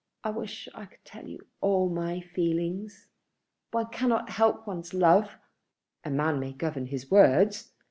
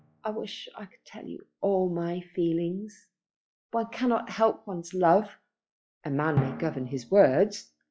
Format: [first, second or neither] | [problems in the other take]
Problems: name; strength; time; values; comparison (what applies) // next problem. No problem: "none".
first | noise reduction (classical method log-MMSE)